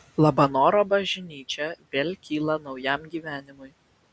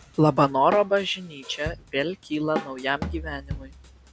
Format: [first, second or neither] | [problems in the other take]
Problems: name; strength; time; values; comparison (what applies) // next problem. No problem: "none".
first | background sound (Drum kit); 12 dB below the speech